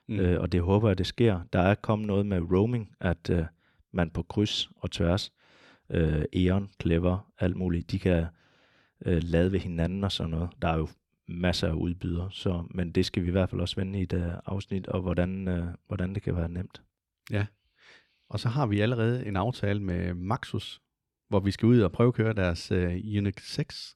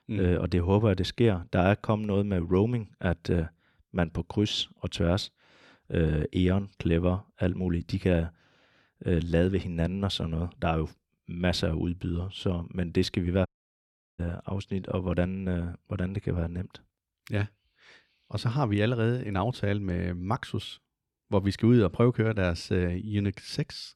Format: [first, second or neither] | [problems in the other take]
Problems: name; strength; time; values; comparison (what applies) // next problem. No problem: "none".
first | audio cutting out; at 13 s for 0.5 s